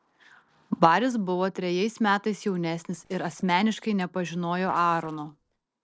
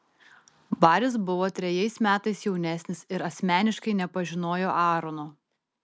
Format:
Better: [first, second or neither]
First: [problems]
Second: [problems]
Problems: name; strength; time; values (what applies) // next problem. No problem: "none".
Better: second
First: noise reduction (neural separator model SepFormer DNS4)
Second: none